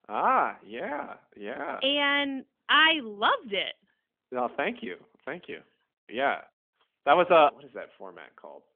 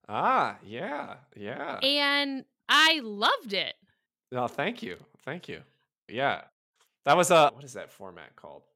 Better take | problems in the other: second | phone-call audio; nothing above 3.5 kHz

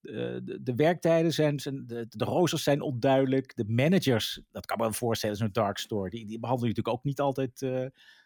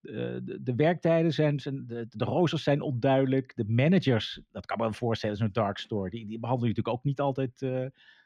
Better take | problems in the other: first | muffled; very slightly; fading above 3 kHz

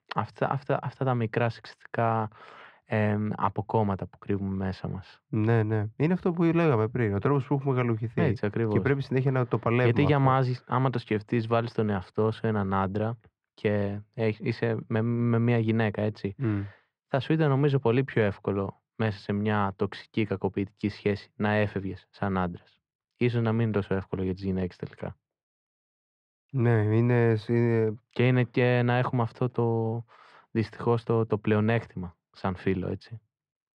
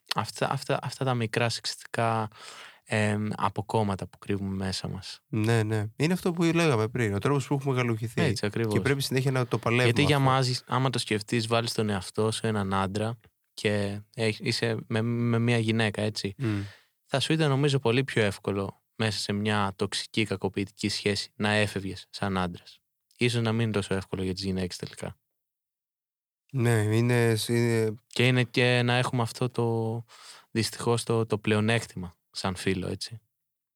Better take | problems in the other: second | muffled; very; fading above 1.5 kHz

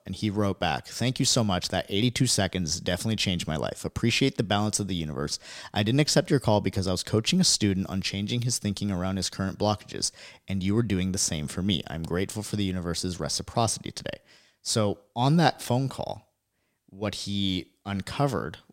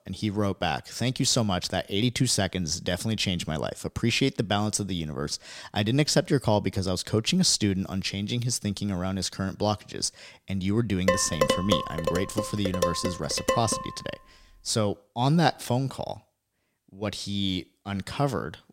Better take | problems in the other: first | clattering dishes; loud; from 11 to 14 s; peak 2 dB above the speech

